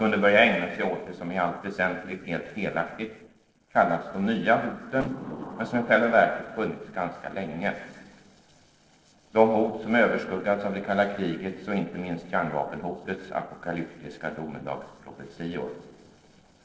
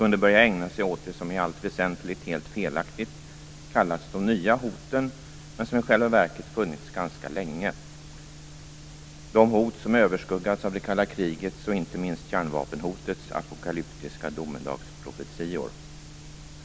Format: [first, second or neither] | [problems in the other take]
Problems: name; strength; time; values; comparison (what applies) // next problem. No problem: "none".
second | noise reduction (neural separator model SepFormer DNS4)